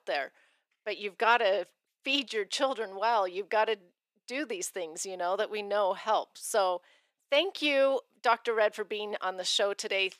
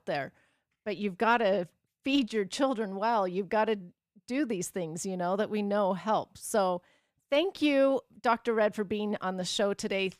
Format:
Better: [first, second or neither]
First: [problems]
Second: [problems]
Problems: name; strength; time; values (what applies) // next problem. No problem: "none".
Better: second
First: thin; somewhat; fading below 400 Hz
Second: none